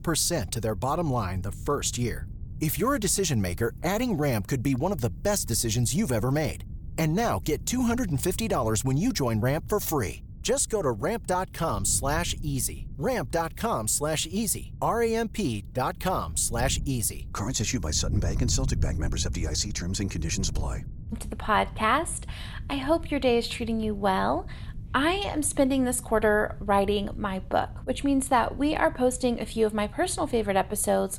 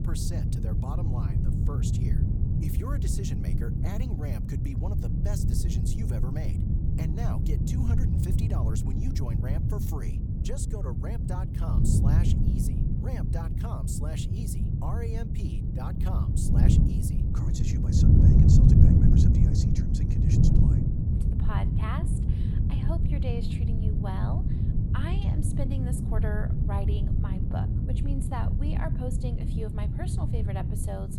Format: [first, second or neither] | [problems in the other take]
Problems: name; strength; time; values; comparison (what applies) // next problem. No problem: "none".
first | wind noise on the microphone; heavy; 3 dB above the speech; occasional gusts in the first